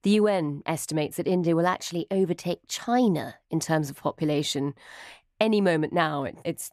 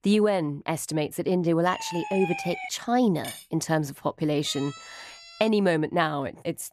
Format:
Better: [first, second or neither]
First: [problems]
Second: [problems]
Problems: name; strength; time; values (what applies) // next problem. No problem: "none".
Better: first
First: none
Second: siren; noticeable; from 1.5 to 2.5 s; peak 6 dB below the speech // clattering dishes; faint; at 3 s; peak 15 dB below the speech // siren; faint; from 4.5 to 5.5 s; peak 15 dB below the speech